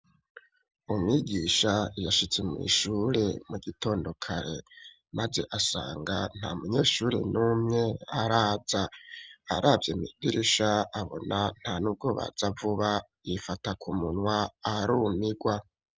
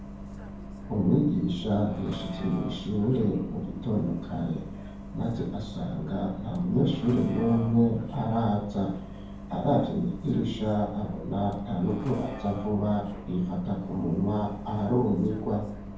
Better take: first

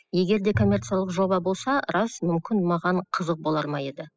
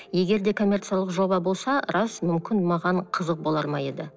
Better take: second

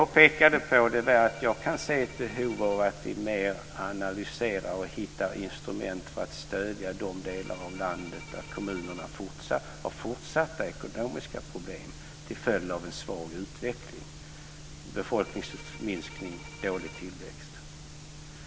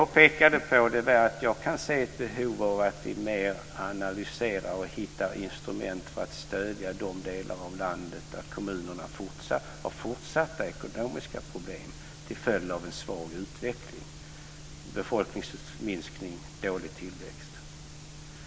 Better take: second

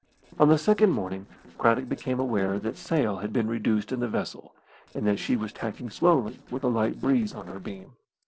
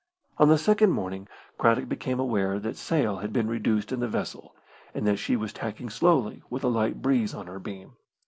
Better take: second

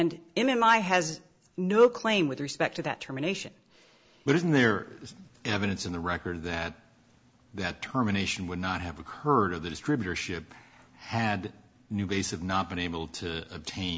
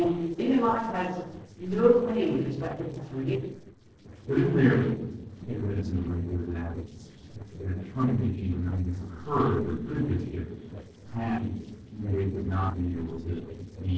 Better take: first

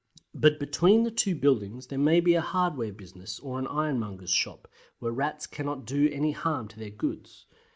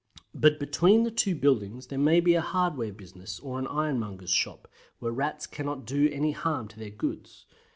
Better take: second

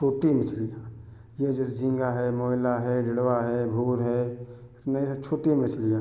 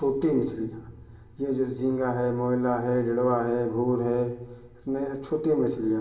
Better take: first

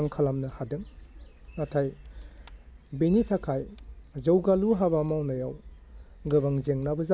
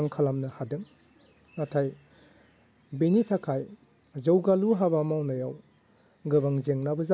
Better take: second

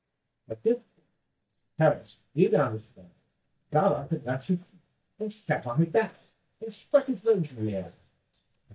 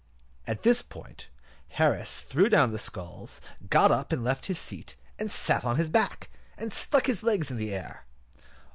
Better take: second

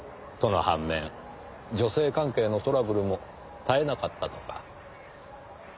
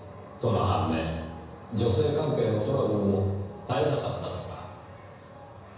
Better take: first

